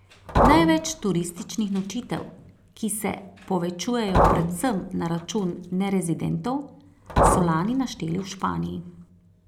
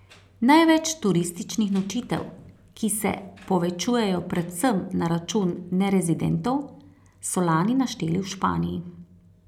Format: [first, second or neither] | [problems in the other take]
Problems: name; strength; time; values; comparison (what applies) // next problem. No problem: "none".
second | background sound (Liquid); as loud as the speech